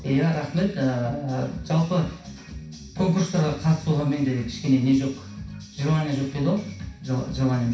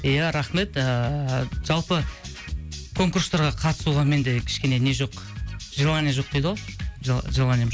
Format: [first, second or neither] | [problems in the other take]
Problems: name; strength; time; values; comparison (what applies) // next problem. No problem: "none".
second | room echo; dies away in 0.6 s